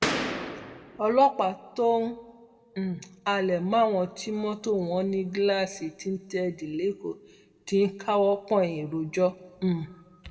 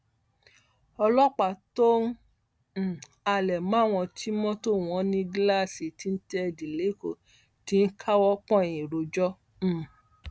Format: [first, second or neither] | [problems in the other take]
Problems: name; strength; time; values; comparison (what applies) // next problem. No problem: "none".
second | background sound (Boom); 3 dB below the speech // room echo; dies away in 0.8 s